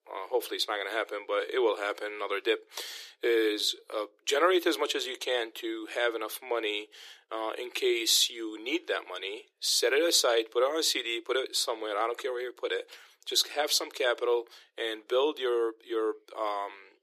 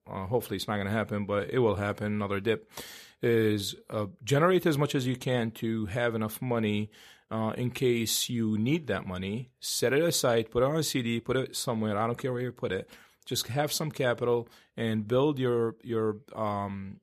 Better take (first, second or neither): second